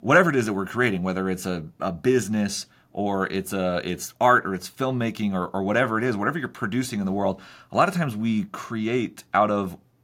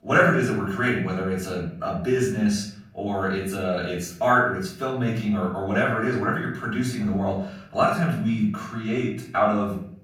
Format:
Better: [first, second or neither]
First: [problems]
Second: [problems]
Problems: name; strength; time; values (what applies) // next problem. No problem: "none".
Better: first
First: none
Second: off-mic speech; far // room echo; noticeable; dies away in 0.6 s